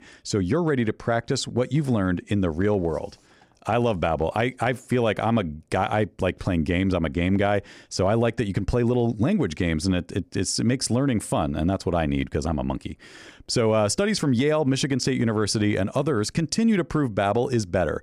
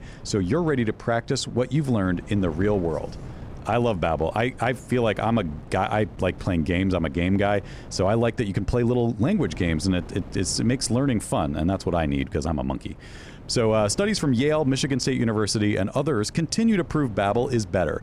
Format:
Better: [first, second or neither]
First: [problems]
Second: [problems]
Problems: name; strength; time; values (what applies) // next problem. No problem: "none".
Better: first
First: none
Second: wind noise on the microphone; occasional gusts; 20 dB below the speech